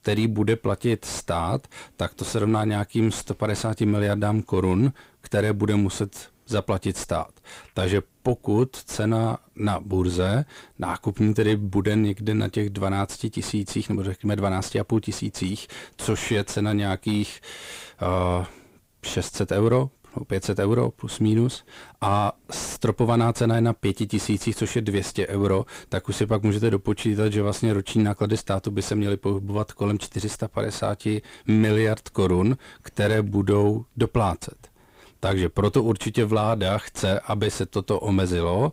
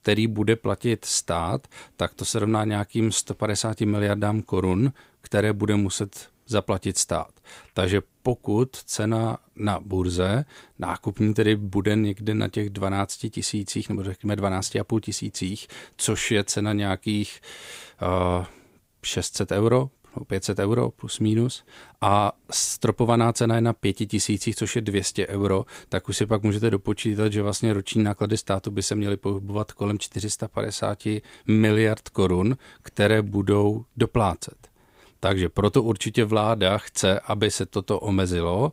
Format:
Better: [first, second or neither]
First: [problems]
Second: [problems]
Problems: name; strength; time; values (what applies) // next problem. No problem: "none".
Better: second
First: distortion; slight; 10 dB below the speech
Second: none